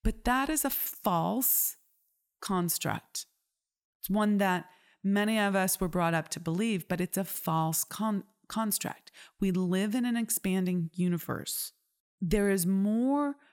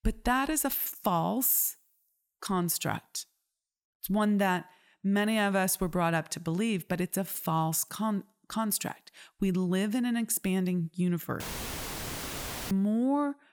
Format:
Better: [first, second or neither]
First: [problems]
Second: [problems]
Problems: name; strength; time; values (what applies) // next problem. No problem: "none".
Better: first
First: none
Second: audio cutting out; filled with static; at 11 s for 1.5 s